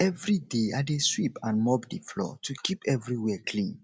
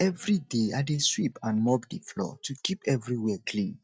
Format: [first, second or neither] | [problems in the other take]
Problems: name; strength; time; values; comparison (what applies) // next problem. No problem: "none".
first | noise reduction (neural mask model DeepFilterNet 3)